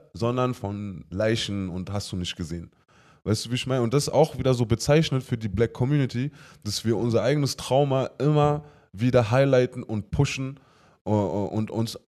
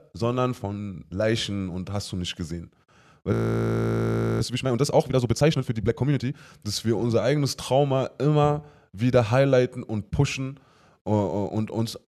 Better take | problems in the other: first | audio freezing; at 3.5 s for 1 s

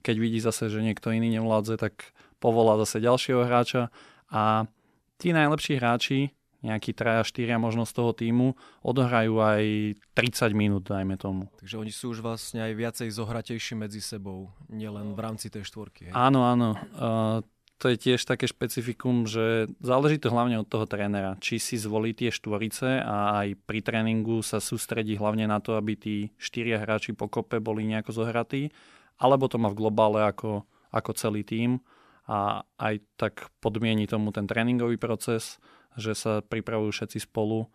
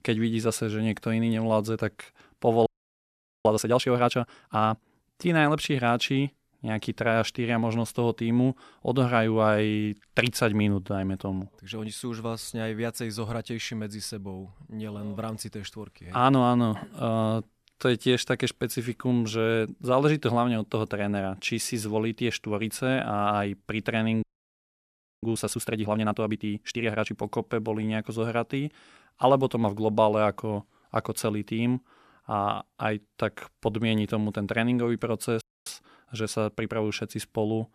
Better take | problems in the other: first | audio freezing; at 2.5 s for 1 s, at 24 s for 1 s and at 35 s

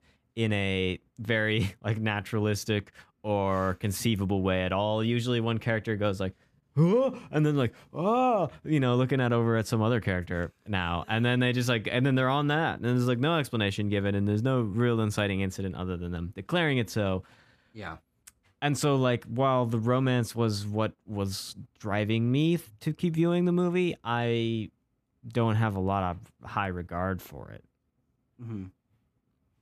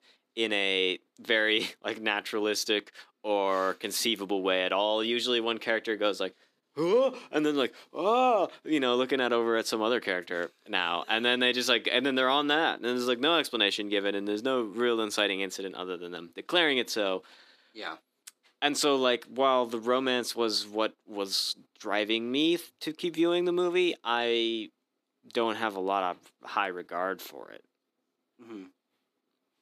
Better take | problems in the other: first | thin; somewhat; fading below 300 Hz

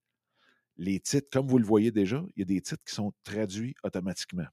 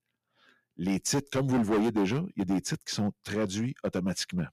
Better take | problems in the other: first | distortion; heavy; 9% of the sound clipped

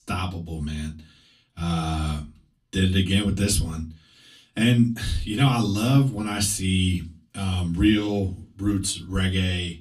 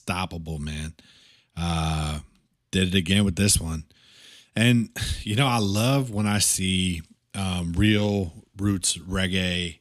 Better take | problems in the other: second | off-mic speech; far // room echo; very slight; dies away in 0.2 s

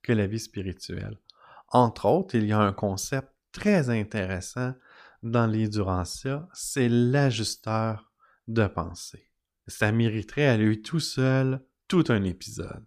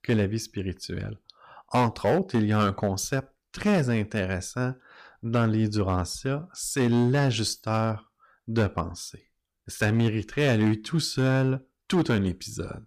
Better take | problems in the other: first | distortion; slight; 5% of the sound clipped

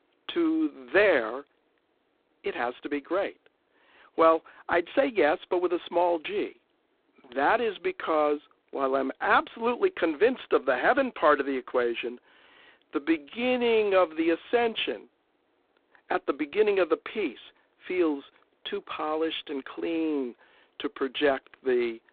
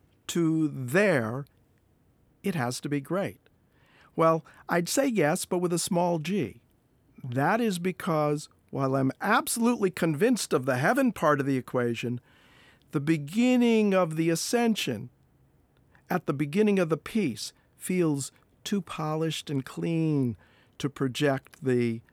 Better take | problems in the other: second | phone-call audio; poor line; nothing above 3.5 kHz

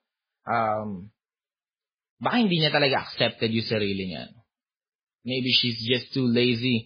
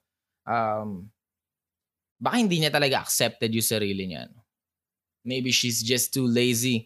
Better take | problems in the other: second | garbled, watery; badly

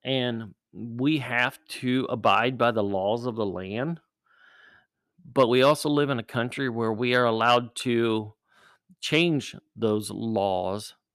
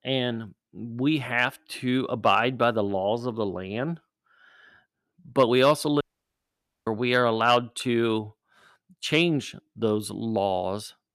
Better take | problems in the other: first | audio cutting out; at 6 s for 1 s

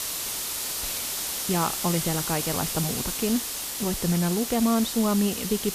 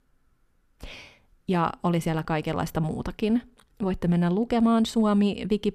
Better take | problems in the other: second | hiss; loud; throughout; 2 dB below the speech

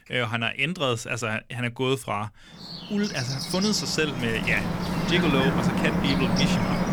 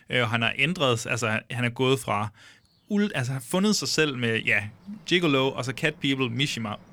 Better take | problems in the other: second | animal sounds; loud; throughout; as loud as the speech; faint in the second

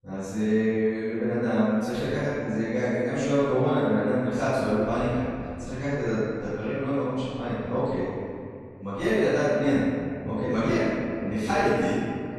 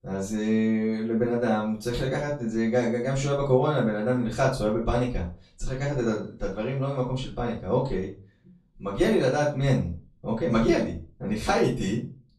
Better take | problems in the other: second | room echo; strong; dies away in 2.3 s; slight in the second // off-mic speech; far; far in the second

